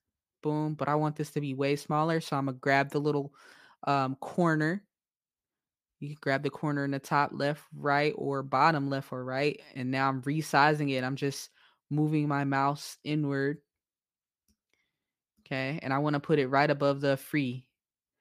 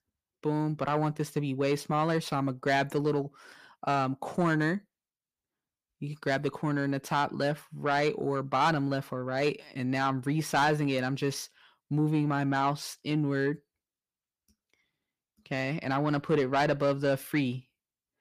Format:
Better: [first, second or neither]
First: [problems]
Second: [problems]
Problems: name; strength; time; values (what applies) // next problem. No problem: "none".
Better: first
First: none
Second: distortion; slight; 10 dB below the speech